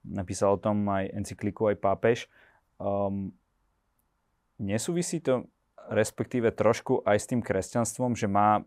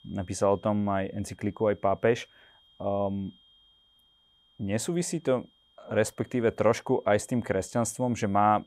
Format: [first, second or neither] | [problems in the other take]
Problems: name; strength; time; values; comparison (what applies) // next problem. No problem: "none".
first | high-pitched whine; faint; throughout; 3 kHz, 30 dB below the speech